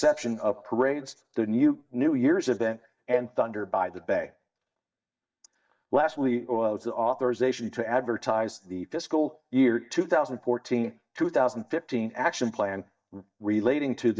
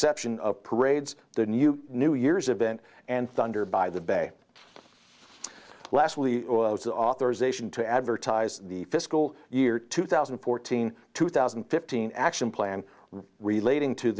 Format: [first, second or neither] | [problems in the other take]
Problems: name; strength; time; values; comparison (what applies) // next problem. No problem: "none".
second | noise reduction (neural mask model DeepFilterNet 3)